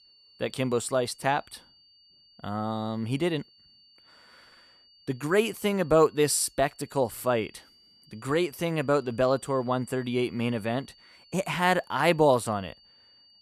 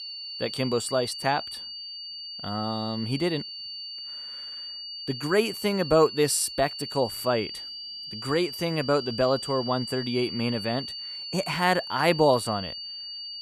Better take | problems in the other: first | high-pitched whine; loud; throughout; 4.5 kHz, 8 dB below the speech; faint in the first

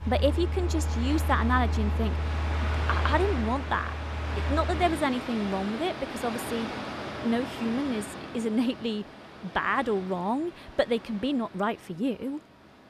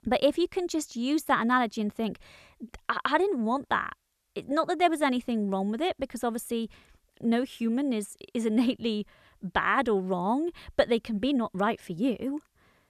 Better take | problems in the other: second | train or aircraft noise; loud; throughout; 2 dB below the speech

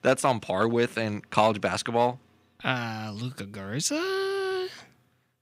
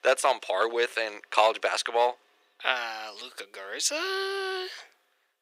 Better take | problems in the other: first | thin; very; fading below 400 Hz

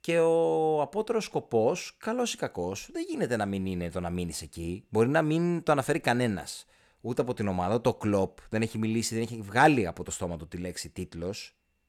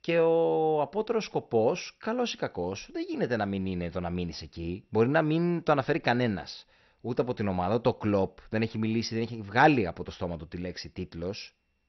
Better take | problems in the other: first | garbled, watery; slightly; nothing above 6 kHz

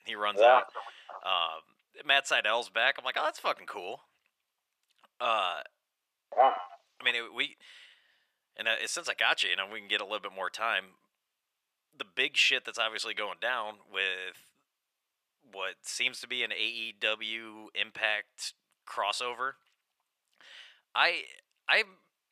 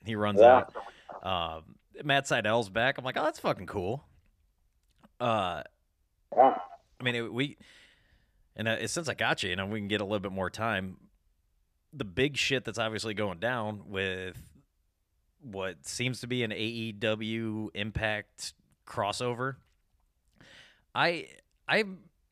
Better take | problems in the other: second | thin; very; fading below 650 Hz

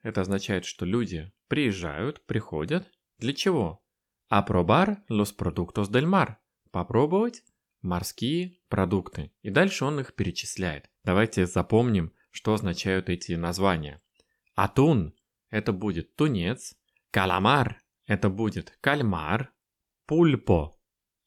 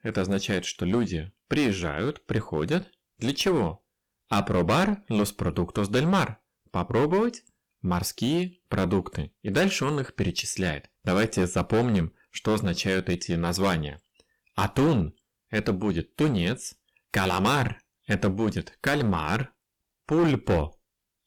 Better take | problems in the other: first | distortion; heavy; 8% of the sound clipped

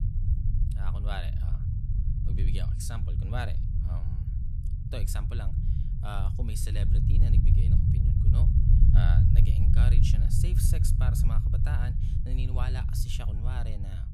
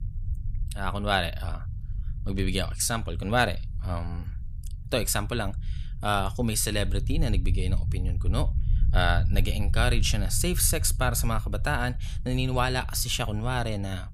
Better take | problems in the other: second | low rumble; loud; throughout; as loud as the speech; faint in the second

